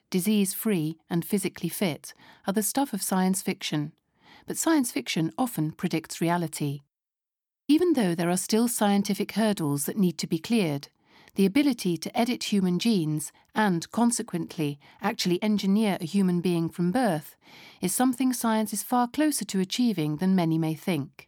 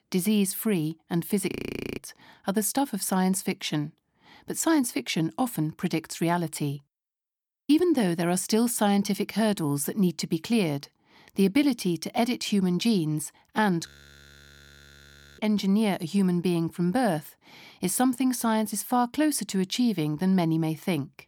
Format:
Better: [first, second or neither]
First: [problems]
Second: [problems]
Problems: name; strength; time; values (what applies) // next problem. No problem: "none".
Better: first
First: none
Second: audio freezing; at 1.5 s and at 14 s for 1.5 s